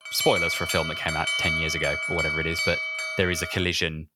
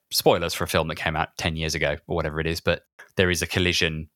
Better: second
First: alarm; loud; until 3.5 s; peak 4 dB above the speech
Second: none

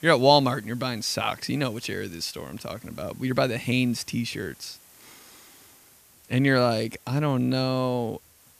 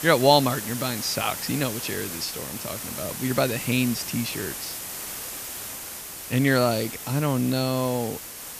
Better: first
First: hiss; faint; throughout; 25 dB below the speech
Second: hiss; loud; throughout; 7 dB below the speech

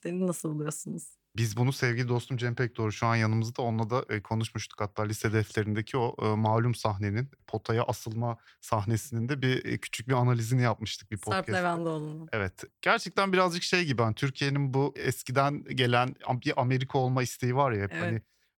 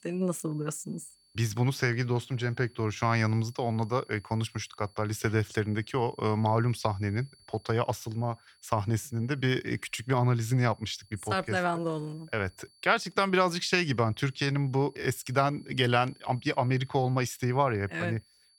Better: first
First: none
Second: high-pitched whine; faint; throughout; 4.5 kHz, 30 dB below the speech

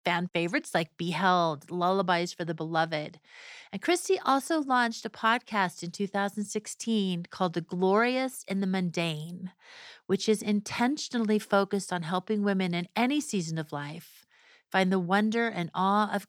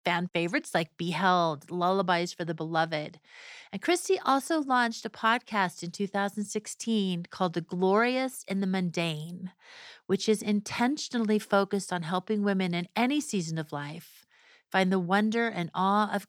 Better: neither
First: none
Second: none

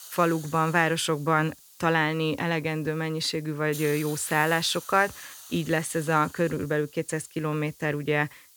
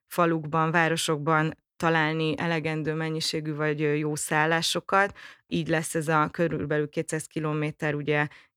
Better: second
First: hiss; noticeable; throughout; 15 dB below the speech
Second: none

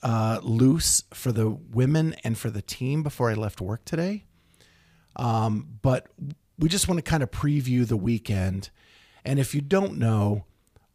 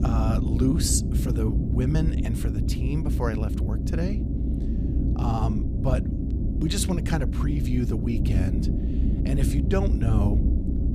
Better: first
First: none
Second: low rumble; loud; throughout; 4 dB below the speech

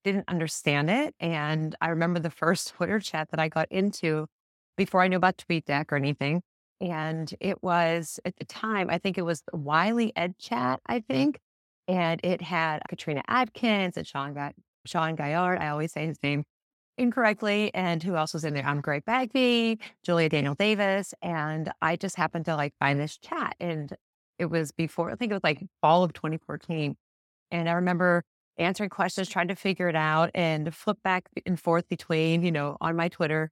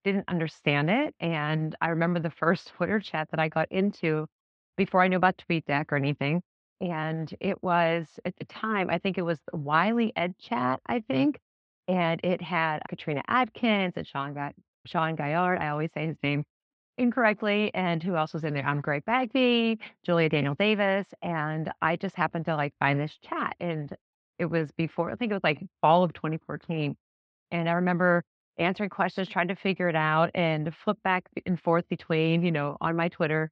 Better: first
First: none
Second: muffled; slightly; fading above 3.5 kHz

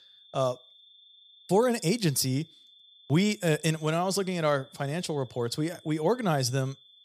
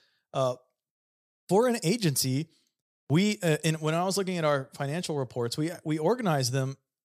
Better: second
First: high-pitched whine; faint; throughout; 3.5 kHz, 25 dB below the speech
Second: none

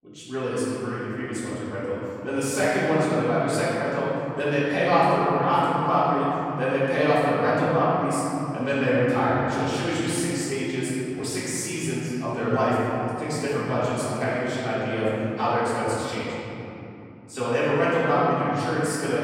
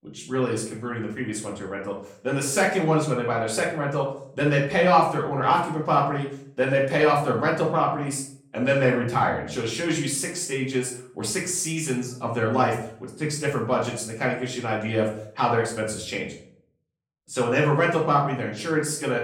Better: second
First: room echo; strong; dies away in 3 s // off-mic speech; far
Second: room echo; slight; dies away in 0.5 s // off-mic speech; far

